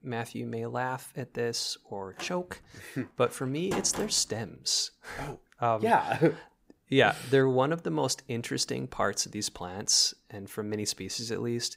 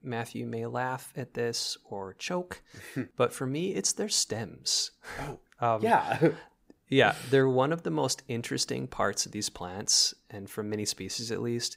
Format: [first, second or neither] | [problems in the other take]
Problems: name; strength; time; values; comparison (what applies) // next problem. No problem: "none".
second | door banging; noticeable; from 2 to 4 s; peak 7 dB below the speech